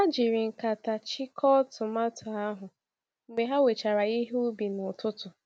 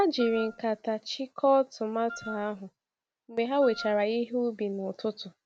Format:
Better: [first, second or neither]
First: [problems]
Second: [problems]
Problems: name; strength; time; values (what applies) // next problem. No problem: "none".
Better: first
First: none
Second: background sound (Wind instrument, woodwind instrument); 14 dB below the speech